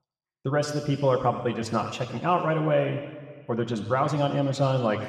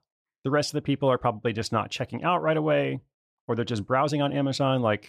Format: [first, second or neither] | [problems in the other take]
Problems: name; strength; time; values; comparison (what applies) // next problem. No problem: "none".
second | room echo; slight; dies away in 1.6 s